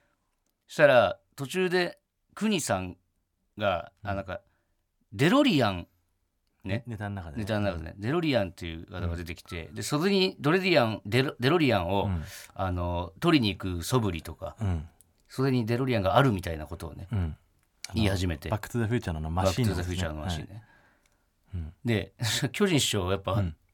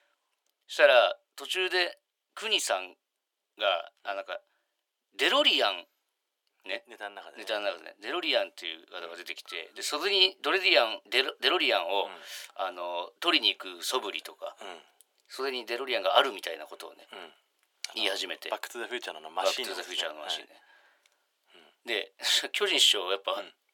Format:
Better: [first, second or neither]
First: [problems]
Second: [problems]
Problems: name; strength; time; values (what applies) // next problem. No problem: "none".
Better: first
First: none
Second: thin; very; fading below 400 Hz